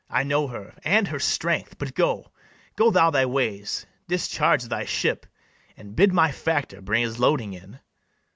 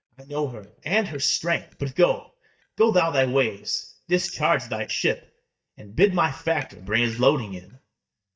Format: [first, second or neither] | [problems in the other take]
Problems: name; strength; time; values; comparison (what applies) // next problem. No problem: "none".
first | noise reduction (neural mask model DeepFilterNet 3)